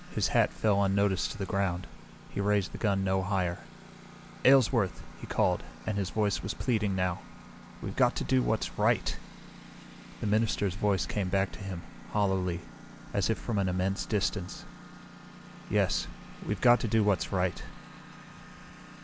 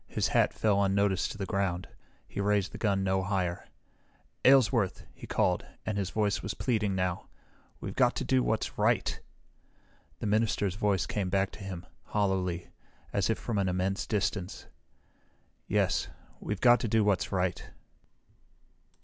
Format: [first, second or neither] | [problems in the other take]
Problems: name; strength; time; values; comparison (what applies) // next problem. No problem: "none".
second | background sound (Engine); 18 dB below the speech